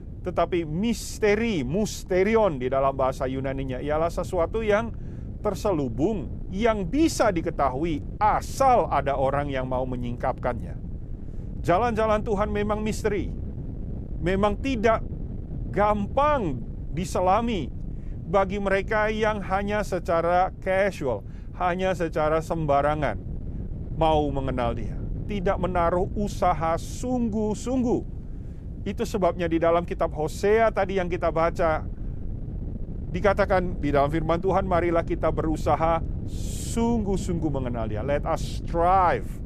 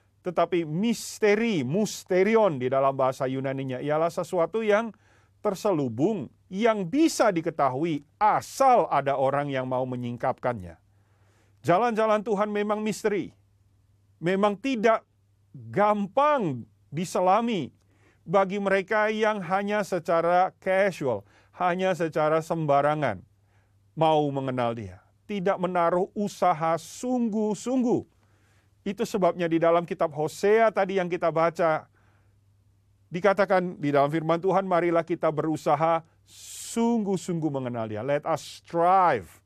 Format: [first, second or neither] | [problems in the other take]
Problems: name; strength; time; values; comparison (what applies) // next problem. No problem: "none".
second | wind noise on the microphone; occasional gusts; 20 dB below the speech